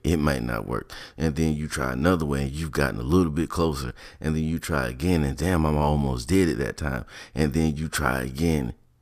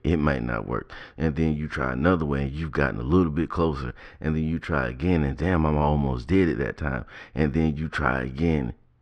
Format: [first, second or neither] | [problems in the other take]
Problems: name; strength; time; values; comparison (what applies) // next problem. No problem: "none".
first | muffled; slightly; fading above 2.5 kHz